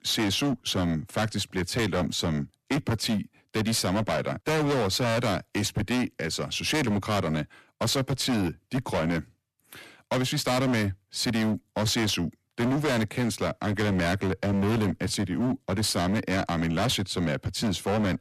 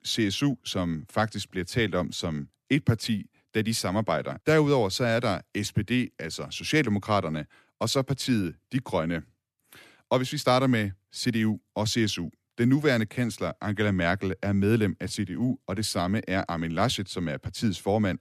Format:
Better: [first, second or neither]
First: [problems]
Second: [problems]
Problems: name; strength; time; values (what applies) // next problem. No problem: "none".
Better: second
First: distortion; heavy; 24% of the sound clipped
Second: none